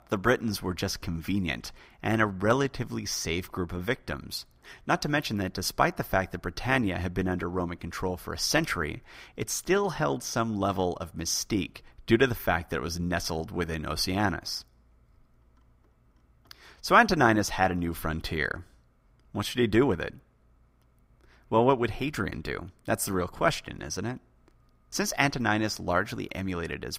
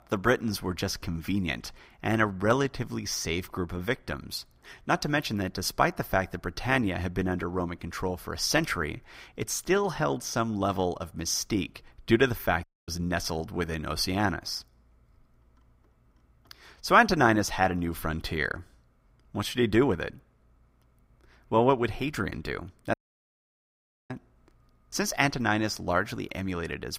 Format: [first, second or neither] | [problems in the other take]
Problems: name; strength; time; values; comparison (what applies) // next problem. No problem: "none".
first | audio cutting out; at 13 s and at 23 s for 1 s